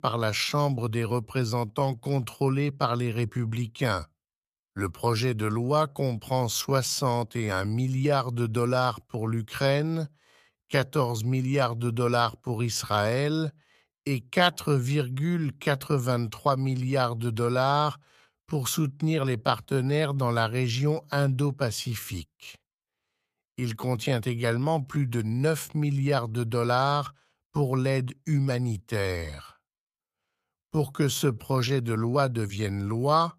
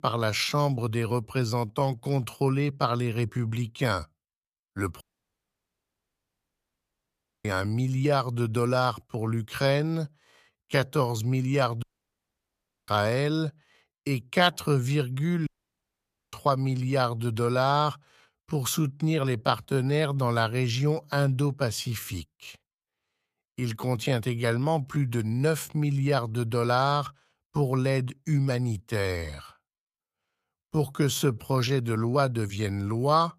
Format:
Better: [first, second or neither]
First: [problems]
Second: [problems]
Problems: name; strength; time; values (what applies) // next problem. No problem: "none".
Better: first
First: none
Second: audio cutting out; at 5 s for 2.5 s, at 12 s for 1 s and at 15 s for 1 s